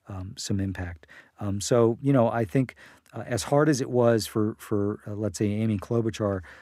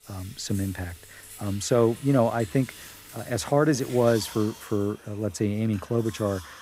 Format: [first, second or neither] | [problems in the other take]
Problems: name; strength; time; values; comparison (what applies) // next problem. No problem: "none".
first | household noises; noticeable; throughout; 20 dB below the speech